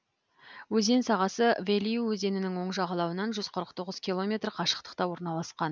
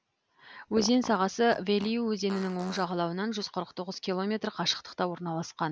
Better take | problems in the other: first | background sound (Fart); 15 dB below the speech

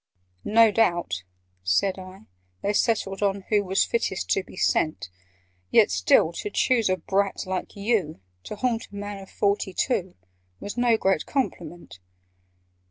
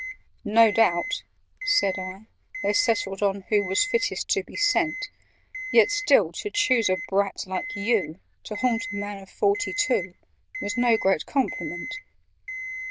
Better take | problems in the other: first | noise reduction (neural diffusion model UNIVERSE++)

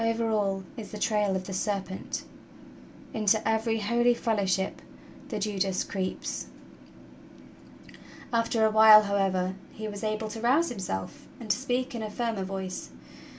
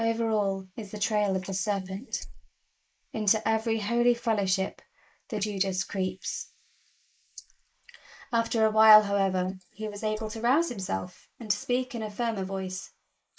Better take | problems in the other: first | noise reduction (neural mask model Resemble Enhance denoiser)

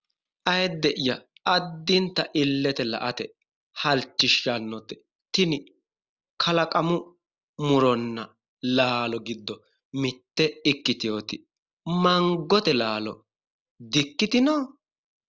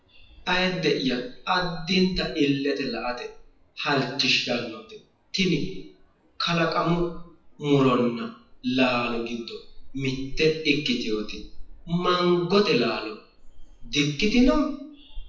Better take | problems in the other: first | noise reduction (classical method WPE with log-MMSE)

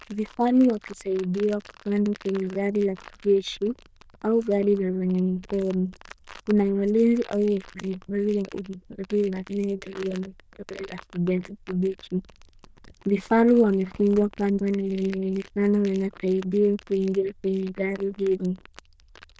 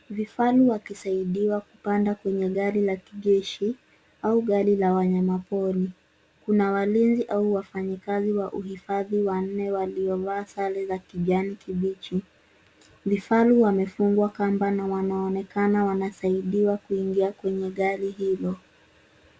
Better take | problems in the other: second | noise reduction (neural diffusion model UNIVERSE++)

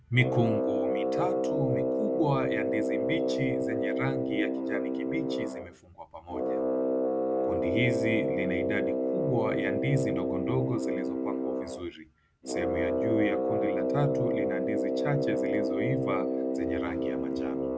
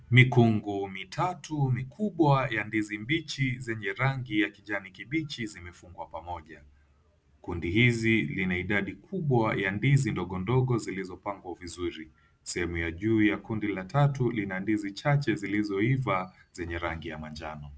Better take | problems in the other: second | background sound (Brass instrument); 5 dB above the speech

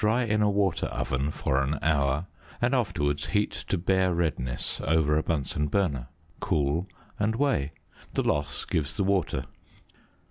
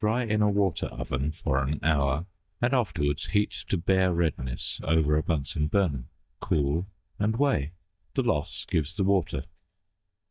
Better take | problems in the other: first | noise reduction (neural mask model DeepFilterNet 3)

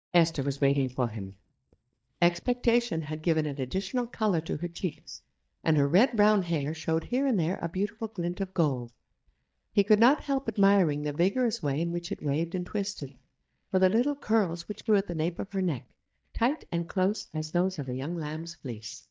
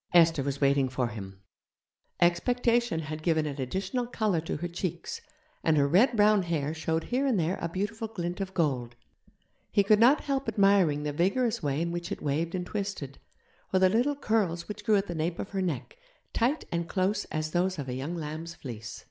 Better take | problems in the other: second | noise reduction (neural mask model DeepFilterNet 3)

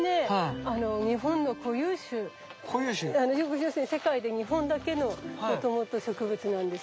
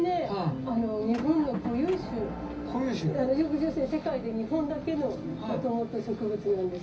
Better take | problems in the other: first | background sound (Motor vehicle (road) / Engine); 10 dB below the speech // room echo; dies away in 0.4 s

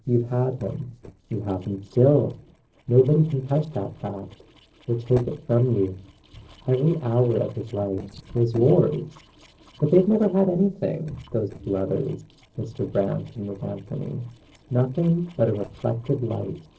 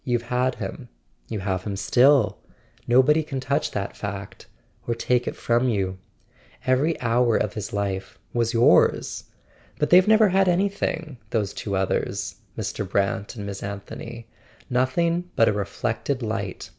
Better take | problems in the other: second | noise reduction (neural separator model SepFormer DNS4)

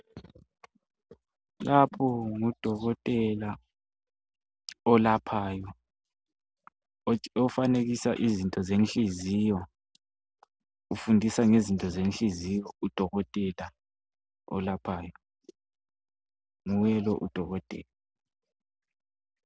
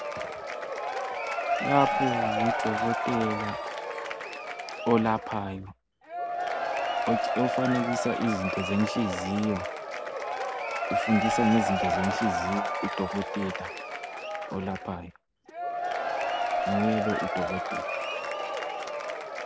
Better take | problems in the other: first | background sound (Applause / Crowd / Cheering); 1 dB above the speech

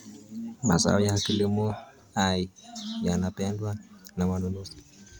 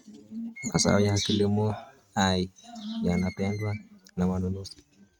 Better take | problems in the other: first | noise reduction (neural mask model RNNoise)

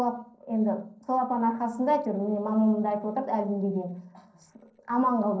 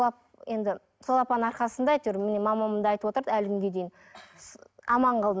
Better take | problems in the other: second | noise reduction (neural separator model SepFormer DNS4)

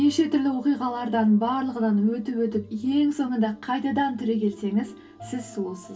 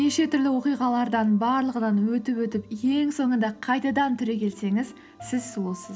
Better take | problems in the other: second | room echo; dies away in 0.1 s

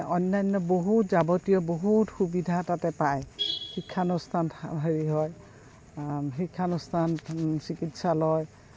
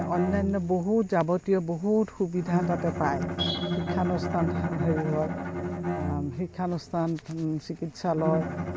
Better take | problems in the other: first | background sound (Bowed string instrument); 4 dB below the speech

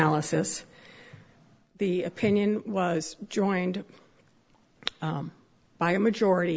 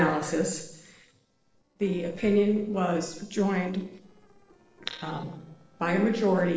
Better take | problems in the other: first | noise reduction (neural separator model SepFormer DNS4)

